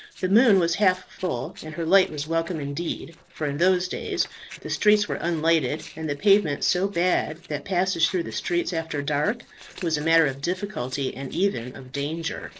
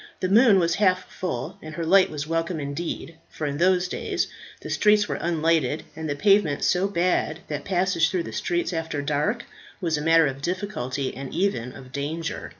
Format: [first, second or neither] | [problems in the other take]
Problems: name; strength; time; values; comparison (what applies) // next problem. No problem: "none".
second | noise reduction (neural separator model SepFormer DNS4)